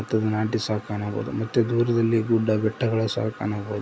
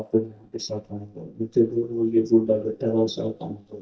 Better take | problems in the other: first | noise reduction (neural mask model DeepFilterNet 3)

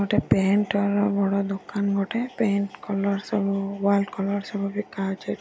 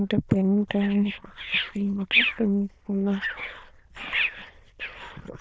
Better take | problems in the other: first | noise reduction (neural diffusion model UNIVERSE++)

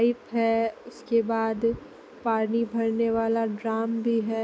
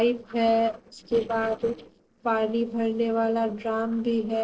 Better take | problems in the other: first | noise reduction (neural separator model SepFormer DNS4)

